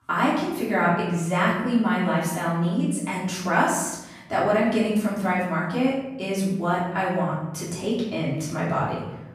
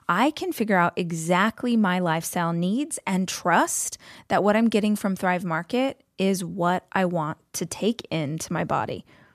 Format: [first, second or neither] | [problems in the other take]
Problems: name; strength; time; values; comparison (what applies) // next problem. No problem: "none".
second | off-mic speech; far // room echo; noticeable; dies away in 0.9 s